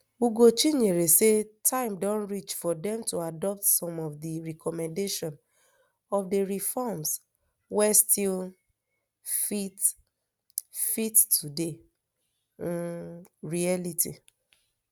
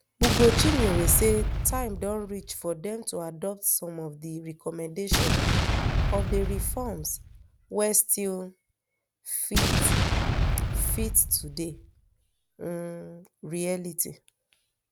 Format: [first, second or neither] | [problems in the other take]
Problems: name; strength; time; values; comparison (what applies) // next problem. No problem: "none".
first | background sound (Explosion); 3 dB above the speech